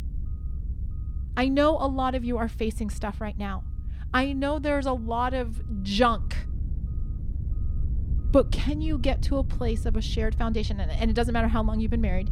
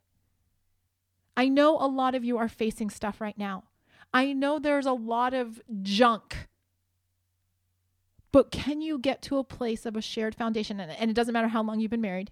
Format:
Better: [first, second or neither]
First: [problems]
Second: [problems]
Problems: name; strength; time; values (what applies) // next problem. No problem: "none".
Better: second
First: low rumble; faint; throughout; 20 dB below the speech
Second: none